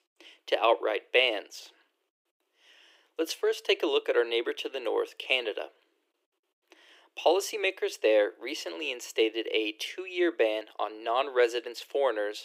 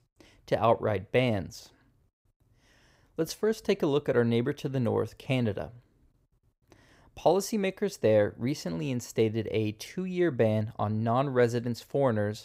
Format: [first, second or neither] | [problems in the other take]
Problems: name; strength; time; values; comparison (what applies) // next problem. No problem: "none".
second | thin; very; fading below 350 Hz